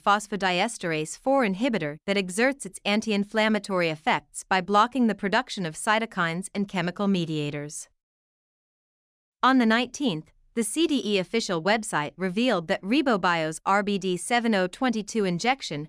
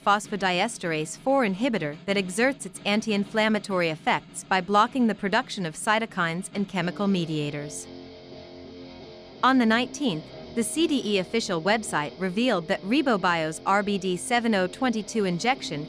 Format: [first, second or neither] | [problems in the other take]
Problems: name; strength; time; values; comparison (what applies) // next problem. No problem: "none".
first | background music; noticeable; throughout; 20 dB below the speech